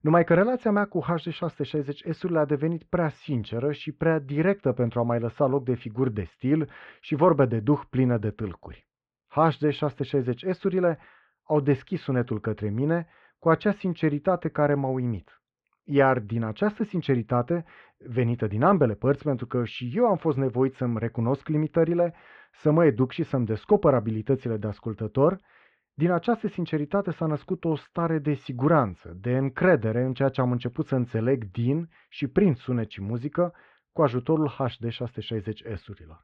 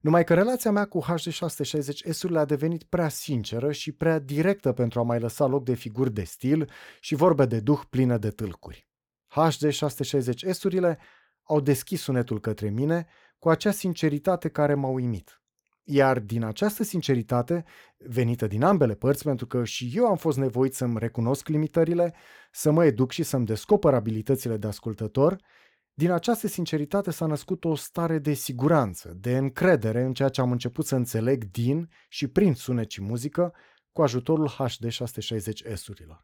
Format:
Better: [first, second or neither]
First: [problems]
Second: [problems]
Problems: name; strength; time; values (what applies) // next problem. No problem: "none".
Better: second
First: muffled; very; fading above 3 kHz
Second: none